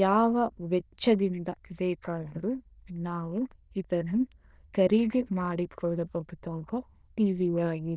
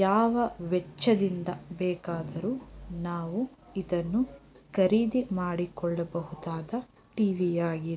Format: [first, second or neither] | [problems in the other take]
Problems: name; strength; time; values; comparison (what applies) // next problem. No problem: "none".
second | noise reduction (neural diffusion model UNIVERSE++)